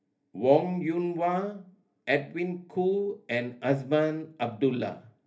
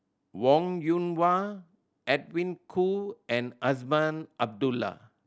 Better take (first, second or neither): second